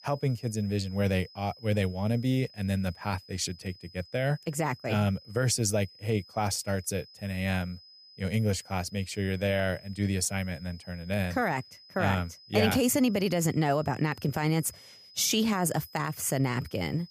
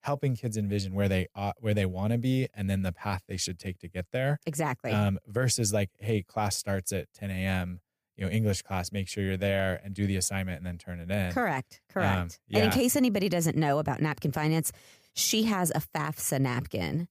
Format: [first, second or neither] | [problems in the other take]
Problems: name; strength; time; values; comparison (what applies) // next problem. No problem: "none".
second | high-pitched whine; faint; throughout; 5 kHz, 20 dB below the speech